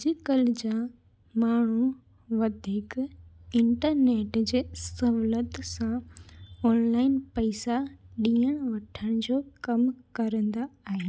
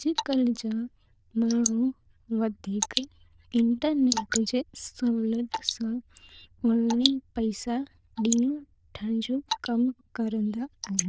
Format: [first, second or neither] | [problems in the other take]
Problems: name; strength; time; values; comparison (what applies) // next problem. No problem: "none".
first | noise reduction (neural diffusion model UNIVERSE++)